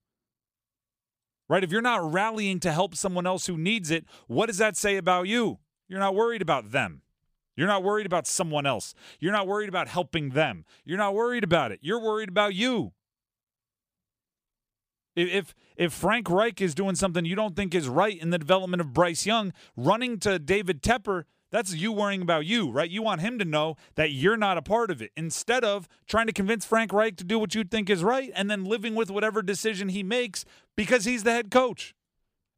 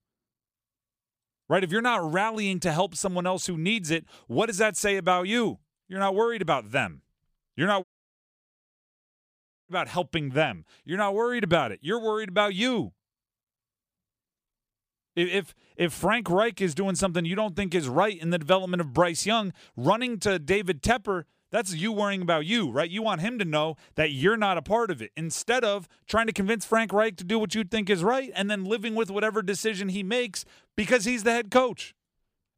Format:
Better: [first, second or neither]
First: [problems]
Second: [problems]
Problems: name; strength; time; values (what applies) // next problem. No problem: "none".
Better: first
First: none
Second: audio cutting out; at 8 s for 2 s